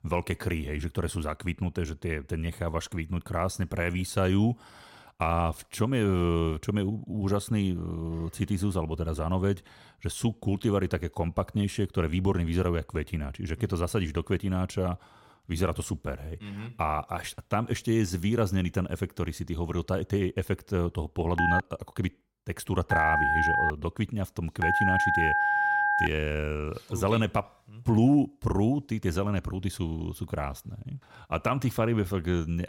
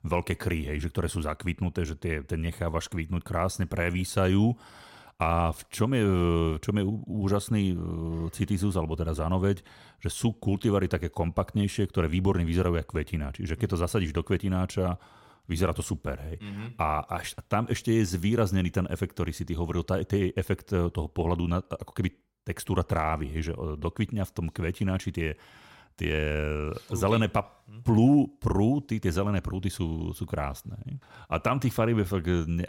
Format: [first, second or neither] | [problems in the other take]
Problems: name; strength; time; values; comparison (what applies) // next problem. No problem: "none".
second | phone ringing; loud; from 21 to 26 s; peak 6 dB above the speech